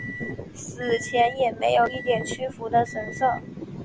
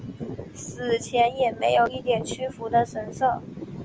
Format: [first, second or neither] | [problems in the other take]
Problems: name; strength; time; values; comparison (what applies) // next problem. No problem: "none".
second | background sound (Microwave oven); 14 dB below the speech